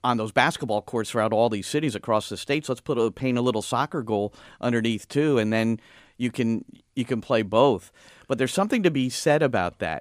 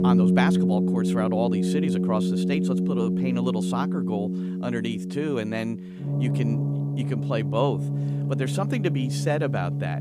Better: first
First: none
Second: background music; very loud; throughout; 4 dB above the speech

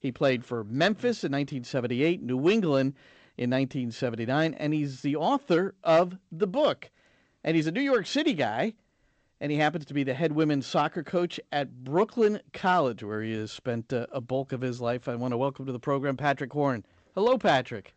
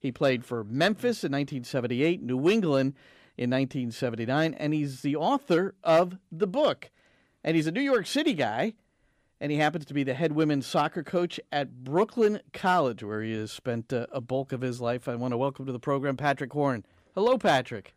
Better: second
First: garbled, watery; slightly; nothing above 8 kHz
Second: none

